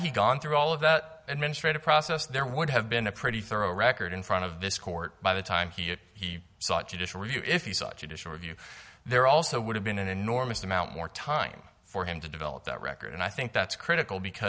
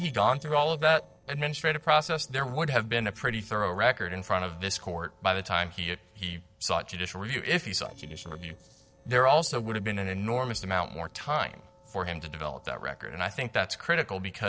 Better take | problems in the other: first | noise reduction (neural separator model SepFormer DNS4)

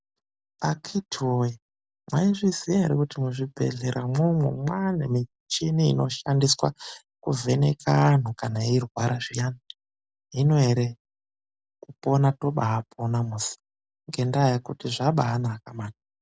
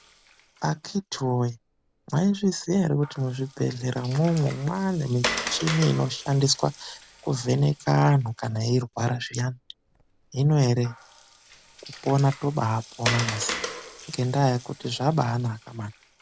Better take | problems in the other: first | background sound (Water); 12 dB below the speech

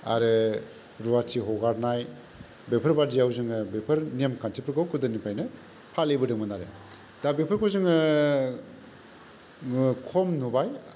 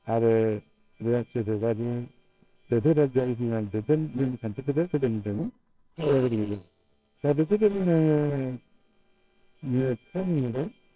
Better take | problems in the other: first | noise reduction (neural separator model SepFormer WHAMR!)

